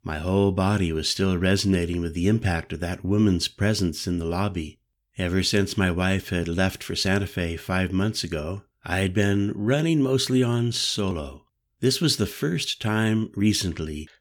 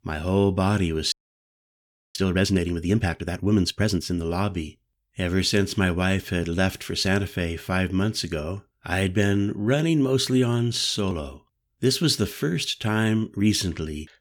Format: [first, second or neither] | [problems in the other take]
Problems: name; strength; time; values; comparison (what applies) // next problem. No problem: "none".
first | audio freezing; at 1 s for 1 s